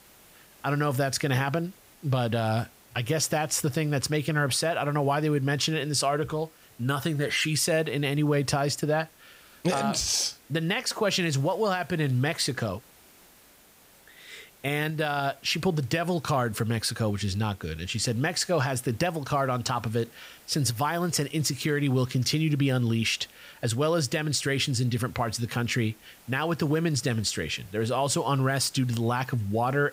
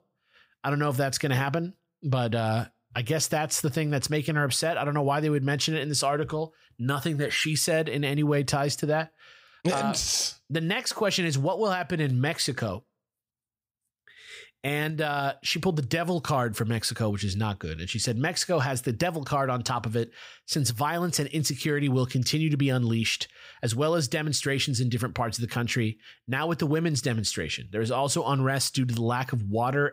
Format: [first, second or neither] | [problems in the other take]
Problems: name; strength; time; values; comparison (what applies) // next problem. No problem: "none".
second | hiss; faint; throughout; 25 dB below the speech